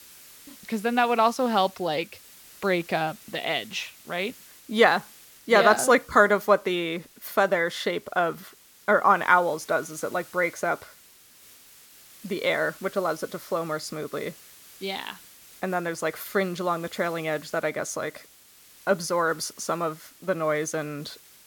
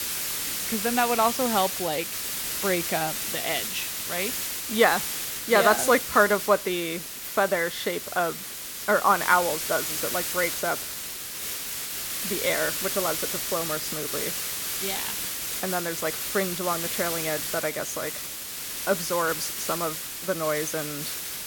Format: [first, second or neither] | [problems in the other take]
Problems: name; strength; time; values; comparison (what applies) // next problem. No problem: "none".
first | hiss; loud; throughout; 2 dB below the speech; faint in the first